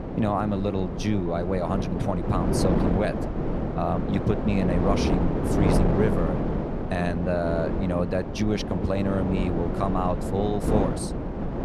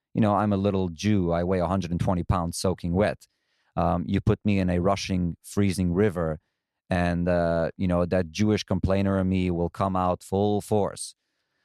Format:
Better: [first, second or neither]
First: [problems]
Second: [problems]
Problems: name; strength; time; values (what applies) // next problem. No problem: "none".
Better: second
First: wind noise on the microphone; heavy; 2 dB below the speech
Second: none